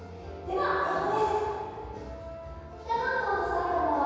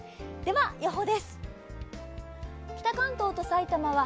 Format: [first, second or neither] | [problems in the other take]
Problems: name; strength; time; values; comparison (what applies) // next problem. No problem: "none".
second | room echo; dies away in 2.2 s